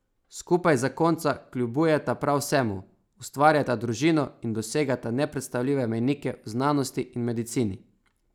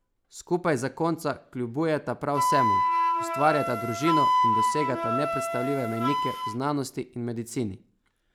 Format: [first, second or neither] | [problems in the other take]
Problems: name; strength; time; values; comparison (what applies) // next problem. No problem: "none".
first | background sound (Wind instrument, woodwind instrument); 1 dB above the speech